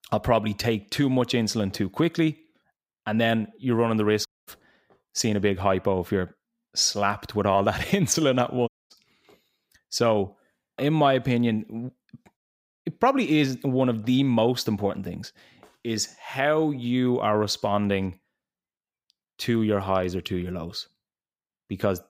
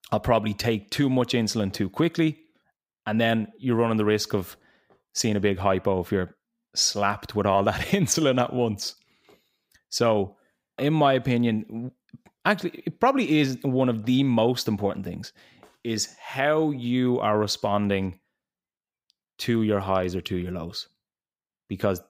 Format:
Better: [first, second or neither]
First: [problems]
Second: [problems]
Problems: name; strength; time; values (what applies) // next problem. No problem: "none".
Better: second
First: audio cutting out; at 4.5 s, at 8.5 s and at 12 s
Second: none